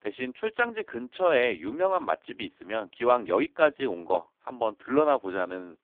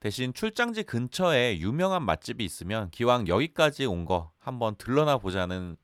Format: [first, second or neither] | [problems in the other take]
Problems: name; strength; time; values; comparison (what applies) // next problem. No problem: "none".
second | phone-call audio; poor line; nothing above 3.5 kHz